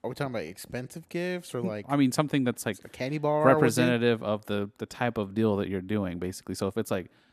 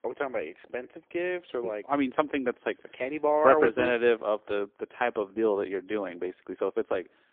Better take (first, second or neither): first